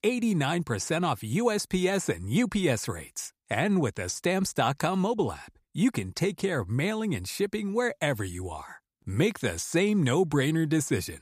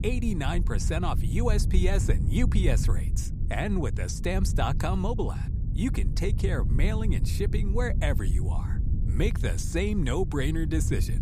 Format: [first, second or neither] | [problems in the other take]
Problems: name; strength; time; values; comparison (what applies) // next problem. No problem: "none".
first | low rumble; noticeable; throughout; 10 dB below the speech